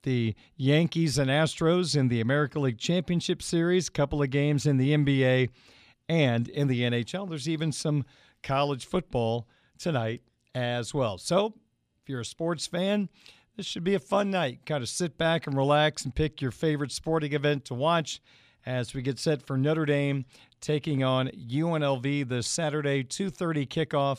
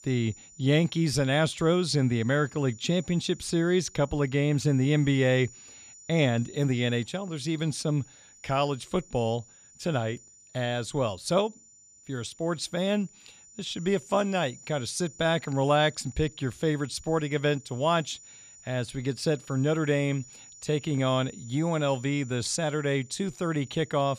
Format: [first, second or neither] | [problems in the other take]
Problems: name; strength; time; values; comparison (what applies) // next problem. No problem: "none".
first | high-pitched whine; faint; throughout; 7 kHz, 20 dB below the speech